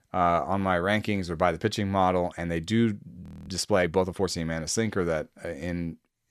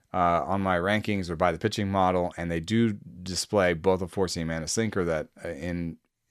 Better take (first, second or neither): second